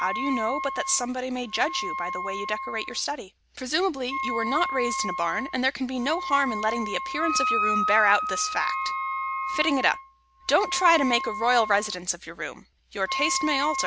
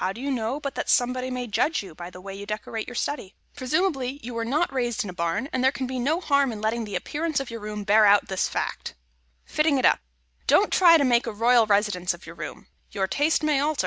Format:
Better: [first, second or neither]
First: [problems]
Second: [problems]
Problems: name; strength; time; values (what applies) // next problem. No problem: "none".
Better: second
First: background sound (Wind instrument, woodwind instrument + Wind instrument, woodwind instrument); 4 dB below the speech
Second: none